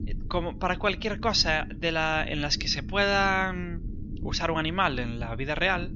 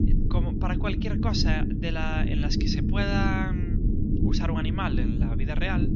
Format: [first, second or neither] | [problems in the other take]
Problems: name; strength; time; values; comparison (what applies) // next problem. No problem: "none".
first | low rumble; loud; throughout; 4 dB below the speech; faint in the first